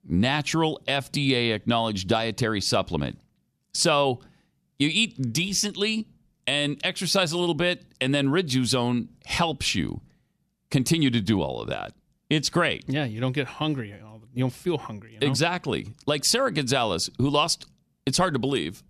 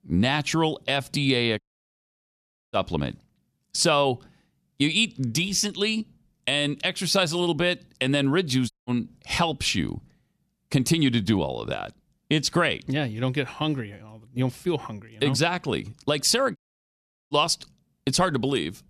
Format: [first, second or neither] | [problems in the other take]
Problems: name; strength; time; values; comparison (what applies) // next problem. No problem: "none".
first | audio cutting out; at 1.5 s for 1 s, at 8.5 s and at 17 s for 1 s